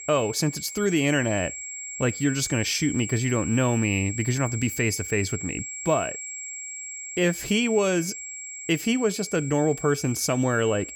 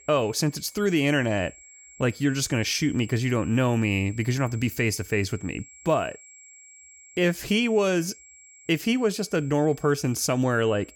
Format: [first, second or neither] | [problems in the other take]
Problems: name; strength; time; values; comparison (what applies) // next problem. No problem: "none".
second | high-pitched whine; loud; throughout; 7.5 kHz, 8 dB below the speech; faint in the second